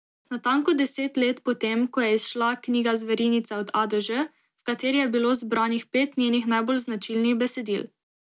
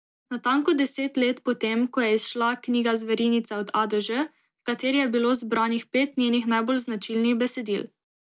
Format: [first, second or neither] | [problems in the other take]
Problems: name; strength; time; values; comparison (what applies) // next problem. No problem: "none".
first | noise reduction (neural mask model Resemble Enhance denoiser)